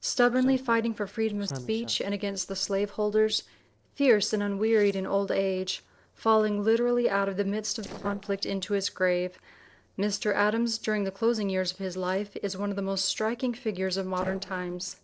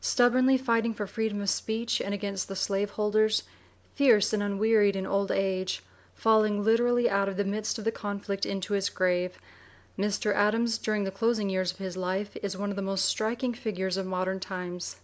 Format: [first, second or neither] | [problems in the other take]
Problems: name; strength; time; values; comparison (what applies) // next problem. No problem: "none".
second | noise reduction (neural separator model SepFormer DNS4)